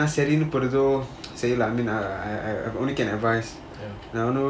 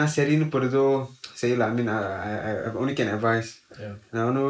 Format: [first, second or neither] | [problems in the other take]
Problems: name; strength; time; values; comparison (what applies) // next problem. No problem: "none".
first | noise reduction (neural mask model Resemble Enhance denoiser)